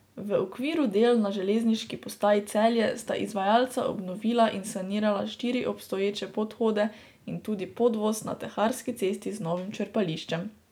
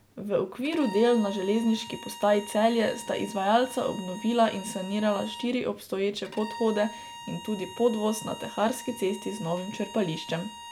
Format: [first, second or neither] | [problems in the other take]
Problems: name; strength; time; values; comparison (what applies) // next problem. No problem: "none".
first | background sound (Bowed string instrument); 15 dB below the speech